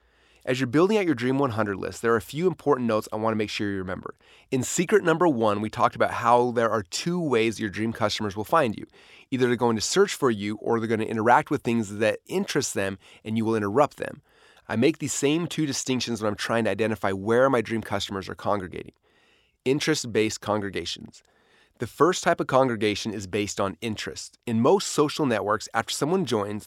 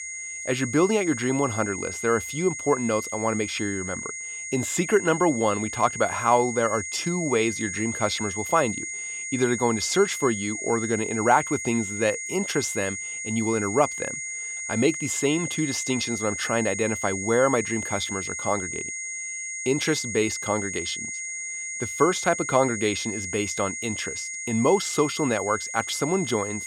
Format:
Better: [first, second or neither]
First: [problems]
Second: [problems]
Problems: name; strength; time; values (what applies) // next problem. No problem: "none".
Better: first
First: none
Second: high-pitched whine; loud; throughout; 2 kHz, 5 dB below the speech